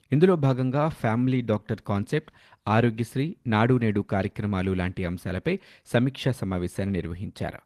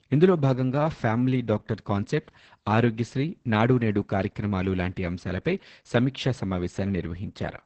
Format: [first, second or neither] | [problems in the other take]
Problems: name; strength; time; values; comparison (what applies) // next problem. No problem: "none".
first | garbled, watery; badly; nothing above 8 kHz; slightly in the first